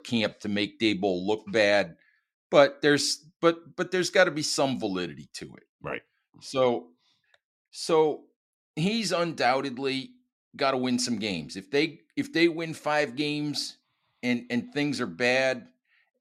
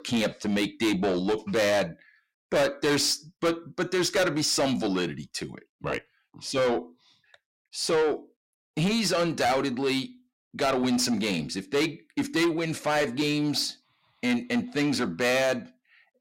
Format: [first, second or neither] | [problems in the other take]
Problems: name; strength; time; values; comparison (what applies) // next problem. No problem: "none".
first | distortion; heavy; 6 dB below the speech